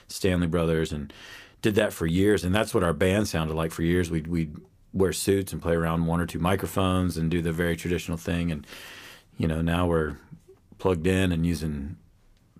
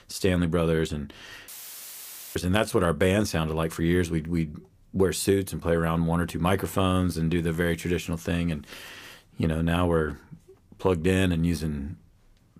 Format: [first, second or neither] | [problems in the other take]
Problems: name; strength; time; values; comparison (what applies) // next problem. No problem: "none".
first | audio cutting out; filled with static; at 1.5 s for 1 s